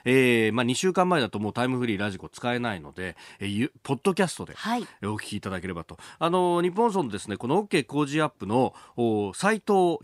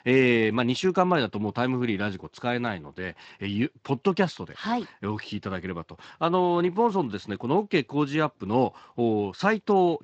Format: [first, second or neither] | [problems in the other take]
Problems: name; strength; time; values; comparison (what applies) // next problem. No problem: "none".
first | garbled, watery; slightly; nothing above 7.5 kHz